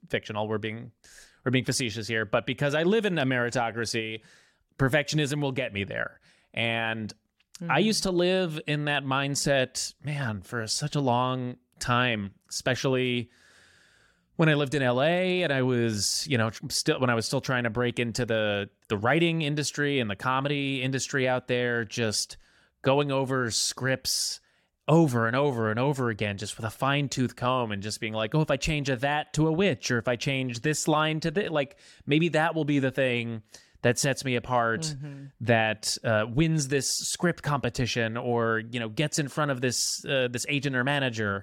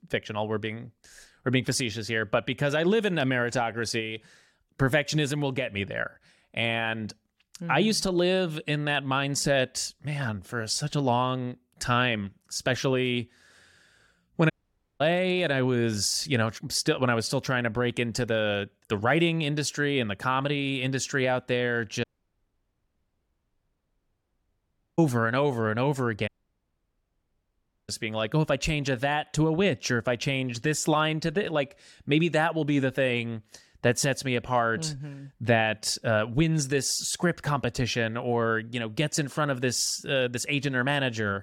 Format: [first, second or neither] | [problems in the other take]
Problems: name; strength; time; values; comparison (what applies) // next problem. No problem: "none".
first | audio cutting out; at 15 s for 0.5 s, at 22 s for 3 s and at 26 s for 1.5 s